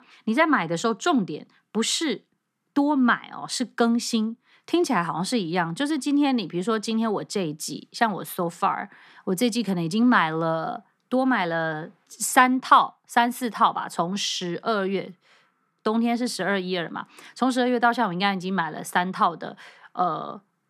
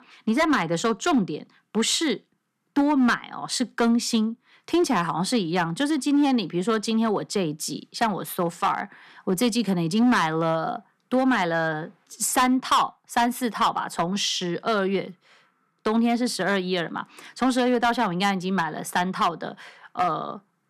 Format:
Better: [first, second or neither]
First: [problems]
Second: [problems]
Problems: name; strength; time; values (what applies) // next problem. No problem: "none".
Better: first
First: none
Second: distortion; slight; 4% of the sound clipped